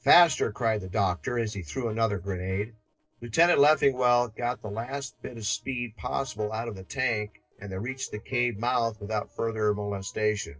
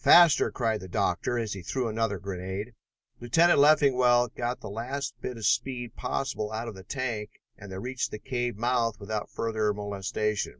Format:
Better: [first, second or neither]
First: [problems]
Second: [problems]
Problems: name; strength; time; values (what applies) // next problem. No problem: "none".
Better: second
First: noise reduction (neural separator model SepFormer DNS4)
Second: none